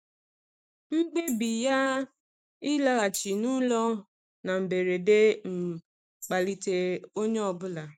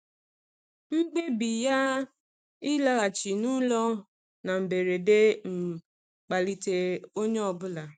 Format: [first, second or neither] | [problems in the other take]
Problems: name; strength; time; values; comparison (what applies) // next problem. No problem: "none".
second | noise reduction (neural mask model Resemble Enhance denoiser)